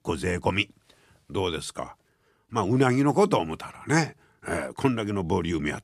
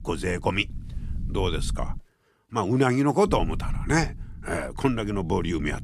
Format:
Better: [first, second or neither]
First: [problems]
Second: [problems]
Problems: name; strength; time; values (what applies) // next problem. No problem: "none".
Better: first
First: none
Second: low rumble; faint; until 2 s and from 3.5 s on; 25 dB below the speech